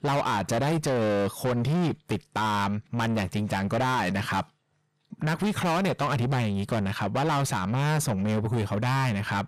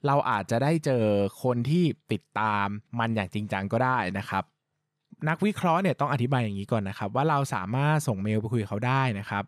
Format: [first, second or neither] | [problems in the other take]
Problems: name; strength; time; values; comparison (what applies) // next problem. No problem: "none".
second | distortion; heavy; 7 dB below the speech